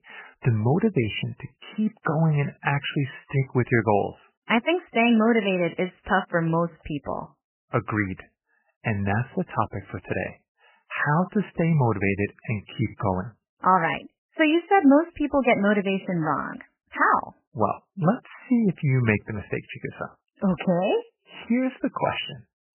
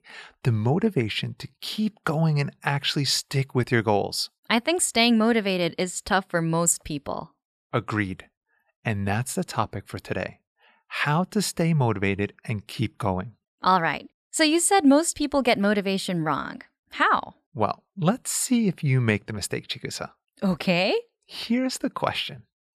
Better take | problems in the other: second | garbled, watery; badly; nothing above 3 kHz

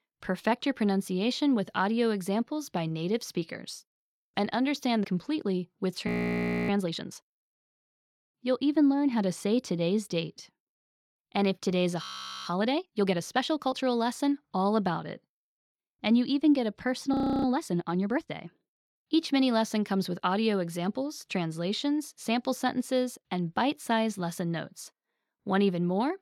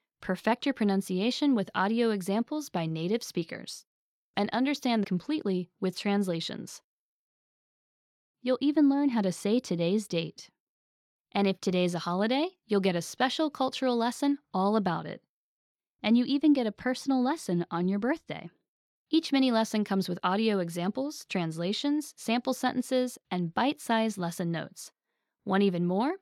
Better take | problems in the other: second | audio freezing; at 6 s for 0.5 s, at 12 s and at 17 s

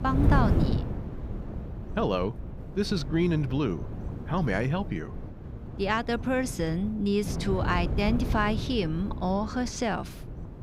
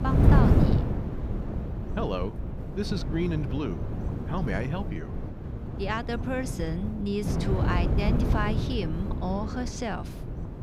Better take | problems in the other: first | wind noise on the microphone; heavy; 3 dB below the speech; occasional gusts in the first

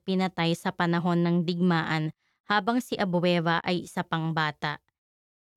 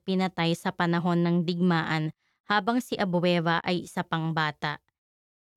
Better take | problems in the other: neither | none

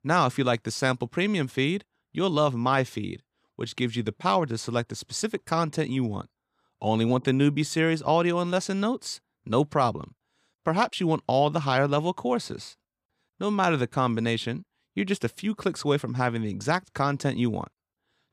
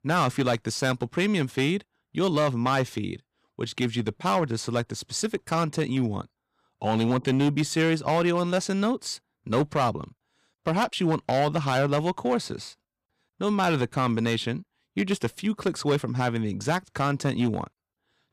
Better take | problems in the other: first | distortion; slight; 5% of the sound clipped

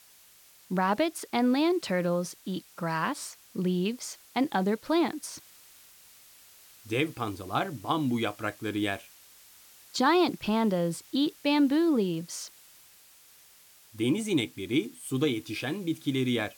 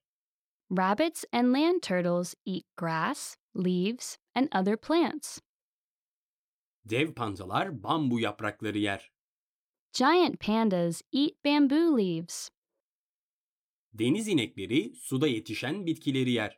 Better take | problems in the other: second | hiss; faint; throughout; 25 dB below the speech

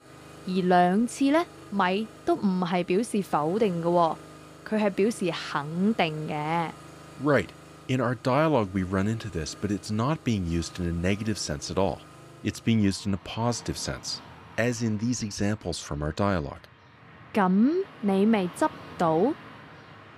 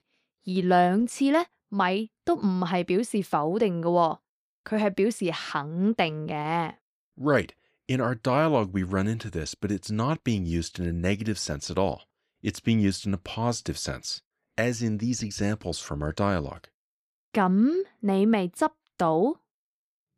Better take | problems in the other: second | traffic noise; faint; throughout; 20 dB below the speech

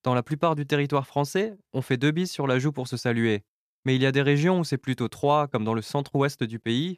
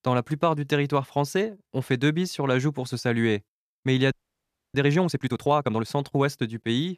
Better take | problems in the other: first | audio freezing; at 4 s for 0.5 s

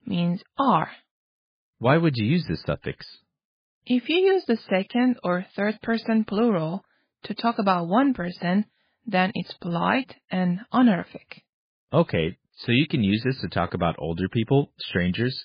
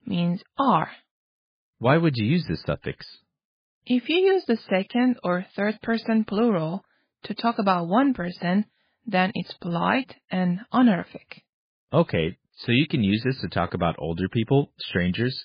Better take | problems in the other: neither | garbled, watery; badly; nothing above 4 kHz; the same in both

